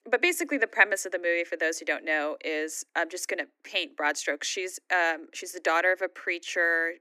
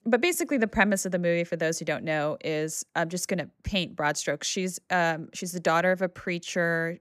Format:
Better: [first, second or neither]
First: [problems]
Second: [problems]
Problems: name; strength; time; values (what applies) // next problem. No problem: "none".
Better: second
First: thin; somewhat; fading below 300 Hz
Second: none